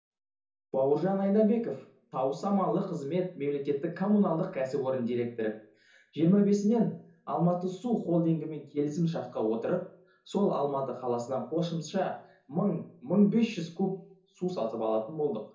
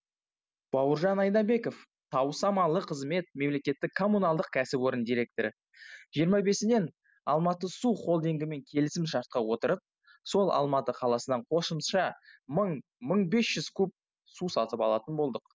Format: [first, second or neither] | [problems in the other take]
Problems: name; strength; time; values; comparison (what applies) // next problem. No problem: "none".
second | room echo; dies away in 0.6 s